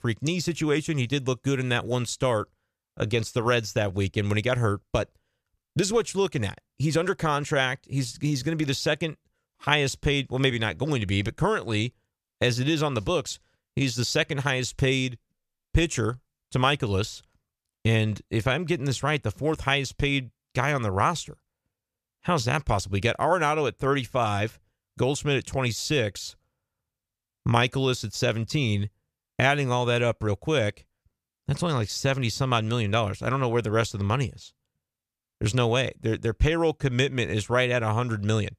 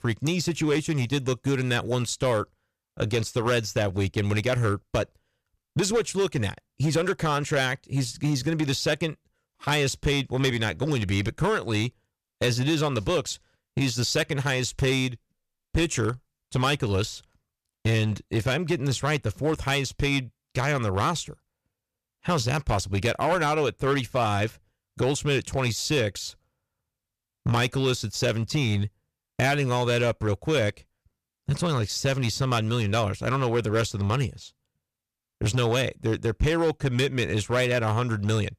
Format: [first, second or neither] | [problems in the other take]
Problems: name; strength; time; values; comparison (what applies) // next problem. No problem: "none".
first | distortion; slight; 6% of the sound clipped